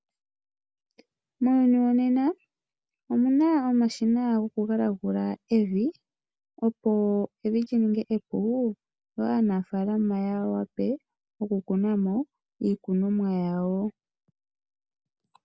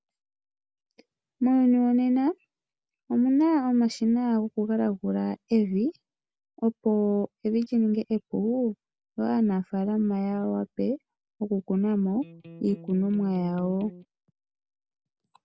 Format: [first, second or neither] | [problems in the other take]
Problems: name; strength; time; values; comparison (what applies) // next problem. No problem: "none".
first | background sound (Electric guitar); 18 dB below the speech